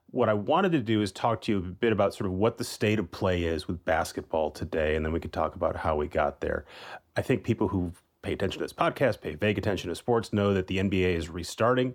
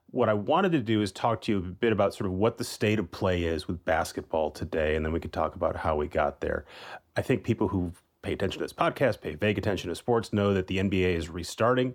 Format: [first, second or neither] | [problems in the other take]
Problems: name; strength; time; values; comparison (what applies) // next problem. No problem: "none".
neither | none